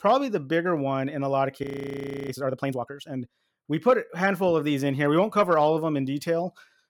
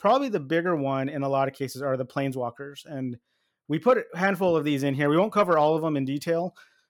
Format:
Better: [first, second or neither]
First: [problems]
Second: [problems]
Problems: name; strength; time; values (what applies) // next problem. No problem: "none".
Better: second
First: audio freezing; at 1.5 s for 0.5 s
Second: none